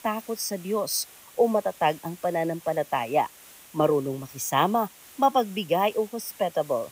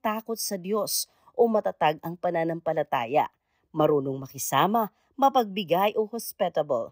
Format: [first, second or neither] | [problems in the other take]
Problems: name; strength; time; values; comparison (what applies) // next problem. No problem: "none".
second | hiss; faint; throughout; 20 dB below the speech